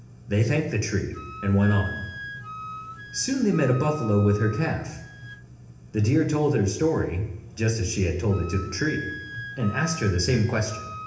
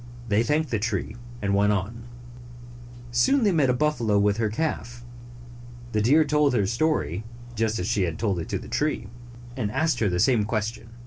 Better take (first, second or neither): second